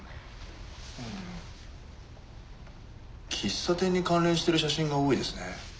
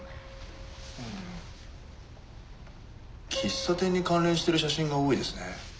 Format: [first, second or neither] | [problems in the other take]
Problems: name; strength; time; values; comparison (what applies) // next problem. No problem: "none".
first | background sound (Piano); 16 dB below the speech